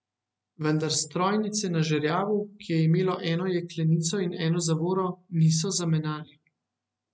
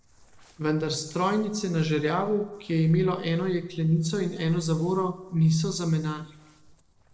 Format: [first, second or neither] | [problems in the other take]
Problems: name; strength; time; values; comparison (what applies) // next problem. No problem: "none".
first | noise reduction (neural separator model SepFormer DNS4)